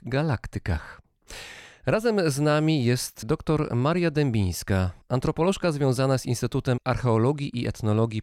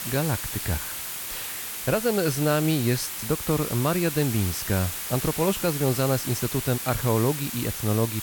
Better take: first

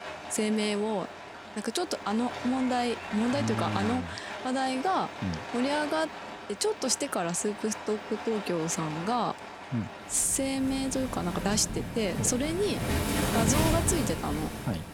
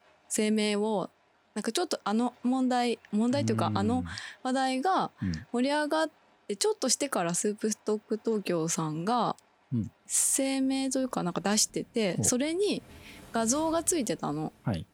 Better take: second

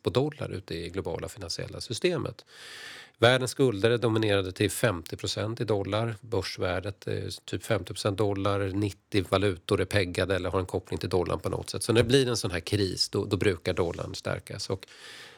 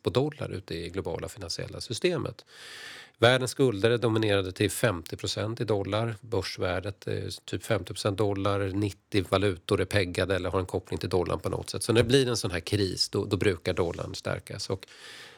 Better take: neither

